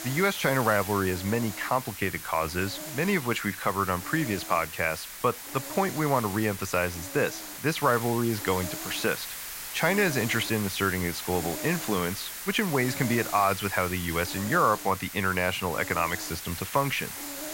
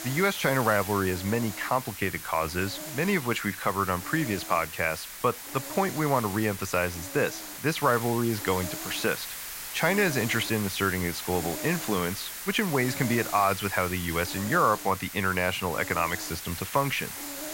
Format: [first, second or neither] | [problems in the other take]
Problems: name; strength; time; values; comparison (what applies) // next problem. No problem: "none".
neither | hiss; loud; throughout; 8 dB below the speech; the same in both